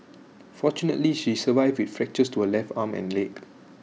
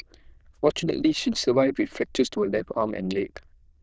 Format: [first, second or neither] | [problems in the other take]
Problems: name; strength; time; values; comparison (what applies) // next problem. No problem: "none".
first | noise reduction (neural diffusion model UNIVERSE++)